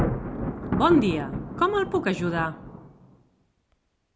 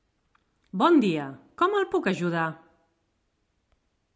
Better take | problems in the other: second | background sound (Thunder); 5 dB below the speech

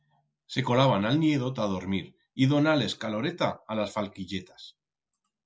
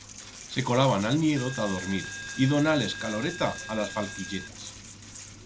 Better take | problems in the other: first | background sound (Coin (dropping)); 11 dB below the speech

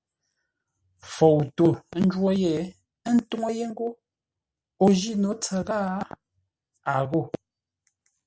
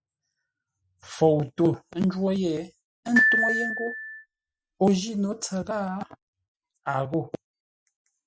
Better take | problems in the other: first | noise reduction (classical method Wiener filter)

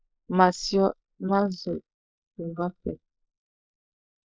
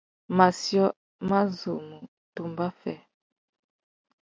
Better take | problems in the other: second | noise reduction (neural mask model Resemble Enhance denoiser)

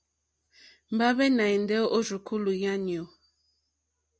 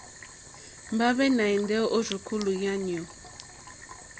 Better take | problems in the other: first | background sound (Boiling + Sink (filling or washing)); 15 dB below the speech

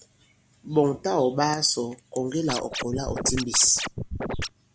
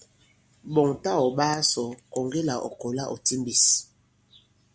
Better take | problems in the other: second | background sound (Scratching (performance technique)); 5 dB below the speech

